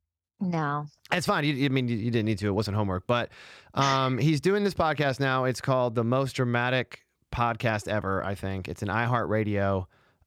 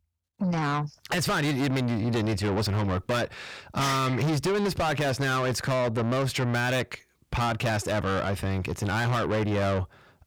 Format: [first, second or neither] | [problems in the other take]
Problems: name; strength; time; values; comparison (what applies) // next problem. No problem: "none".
first | distortion; heavy; 6 dB below the speech